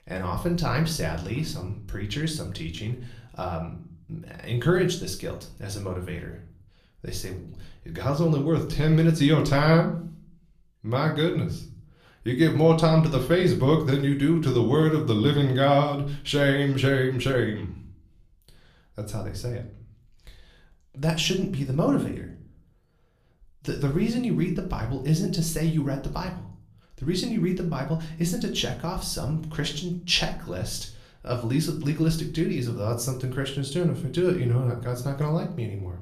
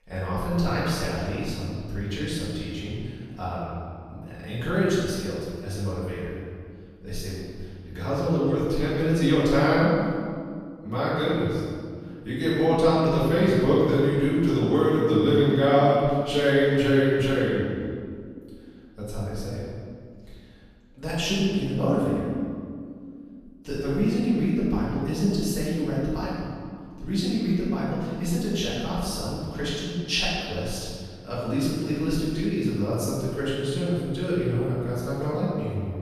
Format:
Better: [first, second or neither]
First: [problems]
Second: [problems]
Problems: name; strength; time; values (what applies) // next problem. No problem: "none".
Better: first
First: room echo; slight; dies away in 0.4 s // off-mic speech; somewhat distant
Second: room echo; strong; dies away in 2 s // off-mic speech; far